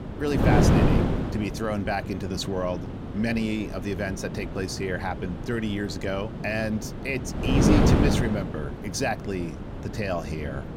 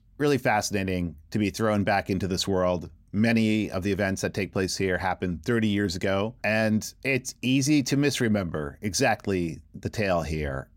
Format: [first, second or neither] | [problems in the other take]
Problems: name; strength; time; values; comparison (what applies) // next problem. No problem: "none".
second | wind noise on the microphone; heavy; 2 dB below the speech